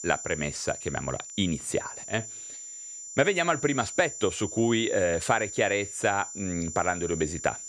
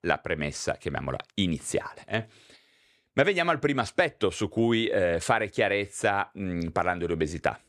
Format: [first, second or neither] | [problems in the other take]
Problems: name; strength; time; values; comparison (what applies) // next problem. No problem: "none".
second | high-pitched whine; loud; throughout; 7 kHz, 9 dB below the speech